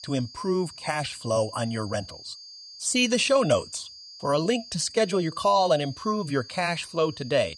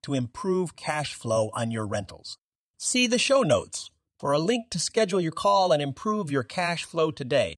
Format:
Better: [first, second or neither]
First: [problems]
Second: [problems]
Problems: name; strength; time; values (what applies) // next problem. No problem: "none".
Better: second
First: high-pitched whine; noticeable; throughout; 5 kHz, 15 dB below the speech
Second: none